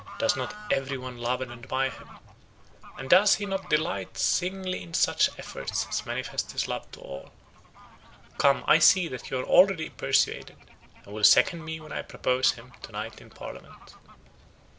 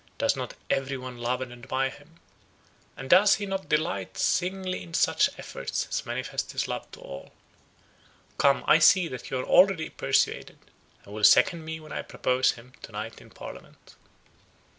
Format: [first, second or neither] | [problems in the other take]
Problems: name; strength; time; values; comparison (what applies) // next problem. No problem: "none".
second | background sound (Bird / Fowl); 18 dB below the speech